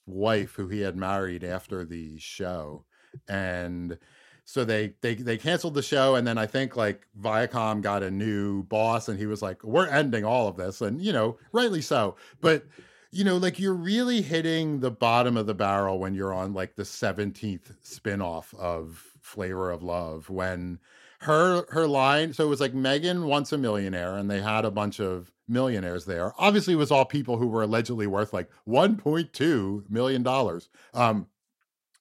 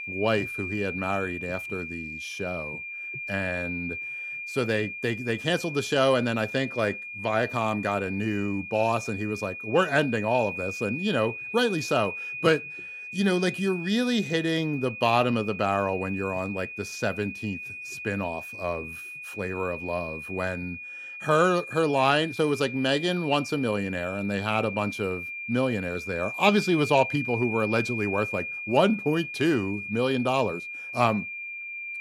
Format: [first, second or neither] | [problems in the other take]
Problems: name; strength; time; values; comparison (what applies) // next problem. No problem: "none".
first | high-pitched whine; loud; throughout; 2.5 kHz, 8 dB below the speech